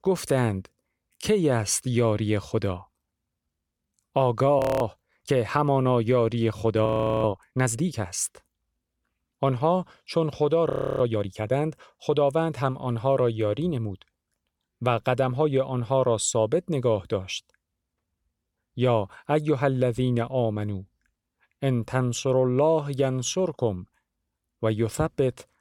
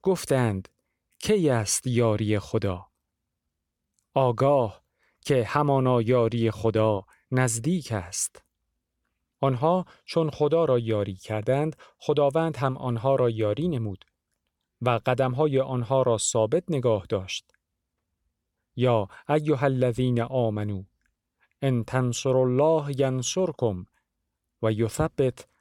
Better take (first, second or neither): second